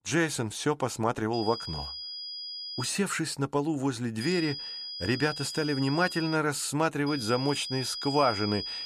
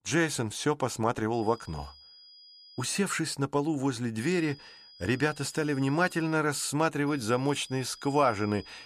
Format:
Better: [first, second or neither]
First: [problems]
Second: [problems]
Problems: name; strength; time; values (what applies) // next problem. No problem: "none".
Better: second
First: high-pitched whine; loud; from 1.5 to 3 s, from 4 to 6.5 s and from 7 s on; 5 kHz, 7 dB below the speech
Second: high-pitched whine; faint; from 1.5 to 3 s, from 4 to 6.5 s and from 7 s on; 5 kHz, 20 dB below the speech